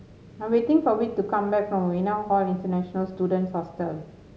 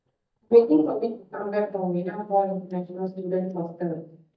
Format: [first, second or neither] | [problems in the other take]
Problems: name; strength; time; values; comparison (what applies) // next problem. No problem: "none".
first | noise reduction (neural mask model DeepFilterNet 3)